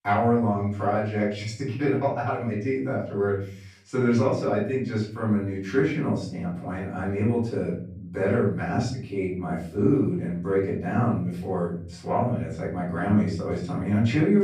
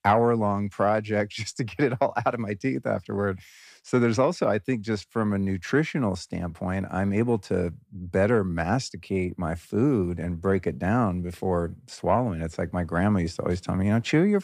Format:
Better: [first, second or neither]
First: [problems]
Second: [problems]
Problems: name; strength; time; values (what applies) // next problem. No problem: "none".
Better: second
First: off-mic speech; far // room echo; noticeable; dies away in 0.6 s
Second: none